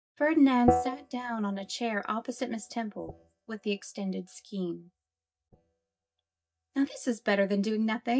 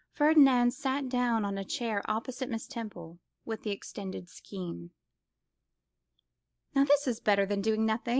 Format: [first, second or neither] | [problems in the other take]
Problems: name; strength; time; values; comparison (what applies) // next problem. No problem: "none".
second | noise reduction (neural mask model DeepFilterNet 3)